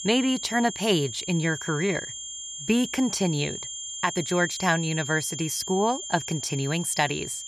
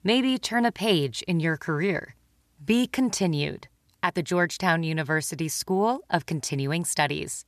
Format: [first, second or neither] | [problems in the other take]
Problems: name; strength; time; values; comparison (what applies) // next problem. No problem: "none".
second | high-pitched whine; loud; throughout; 7 kHz, 7 dB below the speech